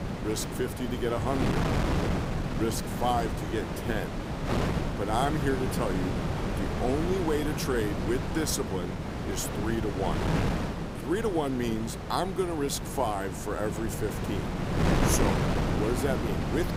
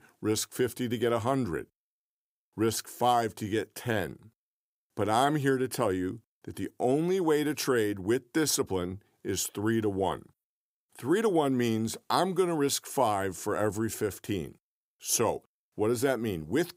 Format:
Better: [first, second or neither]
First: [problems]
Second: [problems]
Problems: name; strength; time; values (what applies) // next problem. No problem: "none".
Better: second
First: wind noise on the microphone; heavy; 2 dB below the speech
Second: none